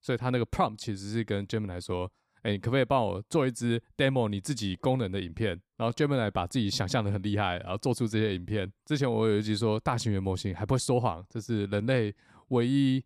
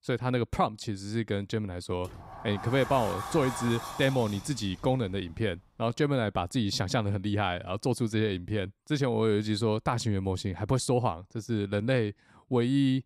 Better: first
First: none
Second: door banging; noticeable; from 2 to 5.5 s; peak 7 dB below the speech

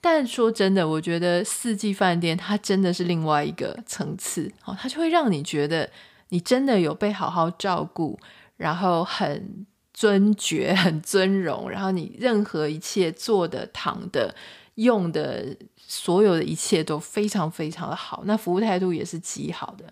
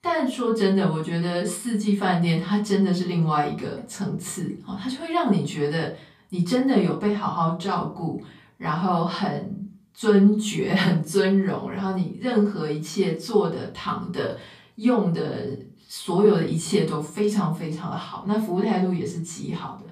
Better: first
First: none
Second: room echo; slight; dies away in 0.3 s // off-mic speech; far

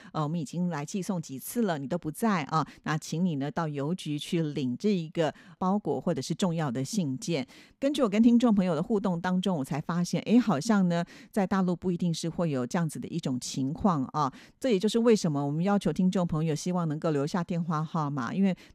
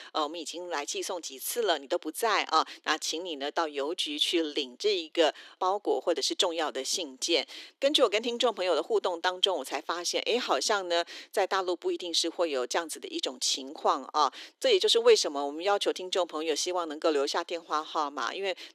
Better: first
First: none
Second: thin; very; fading below 300 Hz

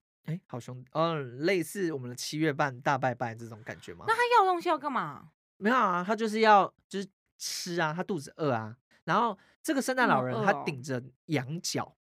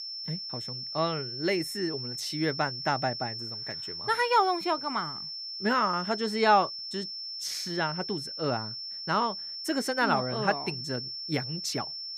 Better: first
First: none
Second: high-pitched whine; loud; throughout; 5.5 kHz, 5 dB below the speech

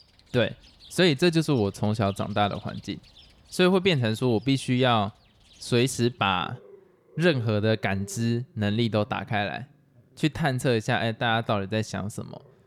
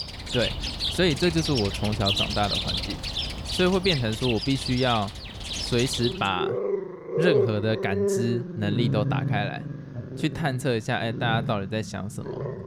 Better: first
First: animal sounds; faint; throughout; 25 dB below the speech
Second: animal sounds; loud; throughout; 2 dB below the speech

